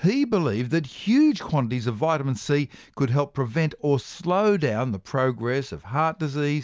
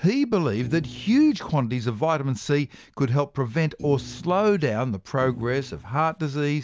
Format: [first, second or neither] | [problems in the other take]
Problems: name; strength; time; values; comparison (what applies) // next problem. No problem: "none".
first | background sound (Thump, thud); 17 dB below the speech